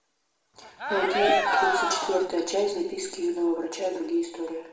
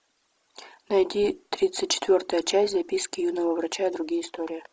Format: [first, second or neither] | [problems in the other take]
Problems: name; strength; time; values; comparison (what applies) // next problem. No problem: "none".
second | background sound (Cheering); 3 dB above the speech // room echo; dies away in 0.8 s